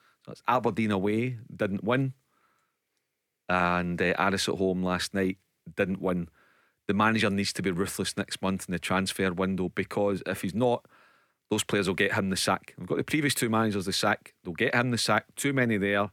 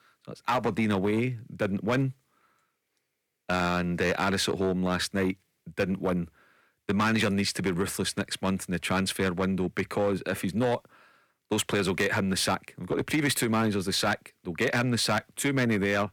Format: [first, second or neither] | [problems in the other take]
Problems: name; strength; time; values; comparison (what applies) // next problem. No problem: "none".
first | distortion; slight; 6% of the sound clipped